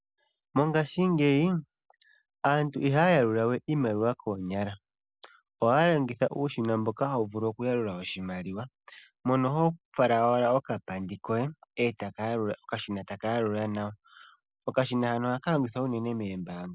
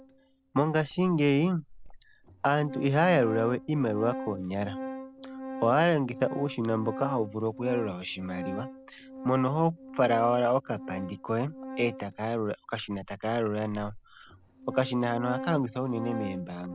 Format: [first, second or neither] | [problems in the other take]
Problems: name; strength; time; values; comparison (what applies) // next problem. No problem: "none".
first | background sound (Organ); 12 dB below the speech